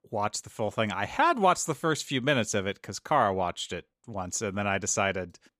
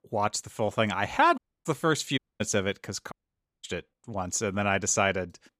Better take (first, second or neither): first